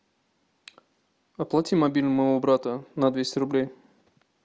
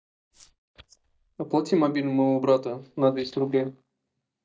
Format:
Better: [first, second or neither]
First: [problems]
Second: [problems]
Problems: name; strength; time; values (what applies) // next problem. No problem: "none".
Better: first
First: none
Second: noise reduction (neural mask model DeepFilterNet 3)